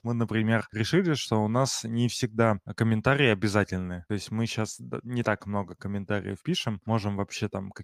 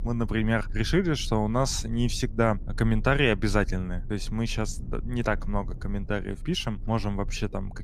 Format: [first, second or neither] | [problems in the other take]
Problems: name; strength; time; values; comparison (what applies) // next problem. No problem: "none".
first | low rumble; faint; throughout; 25 dB below the speech